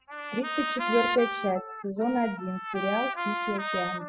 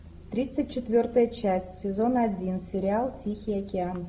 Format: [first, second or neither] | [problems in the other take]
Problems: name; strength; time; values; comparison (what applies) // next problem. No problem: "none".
second | noise reduction (classical method spectral subtraction)